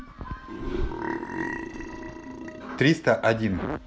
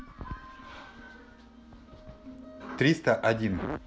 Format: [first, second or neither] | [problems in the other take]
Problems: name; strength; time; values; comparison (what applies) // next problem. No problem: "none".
second | background sound (Burping, eructation); 4 dB below the speech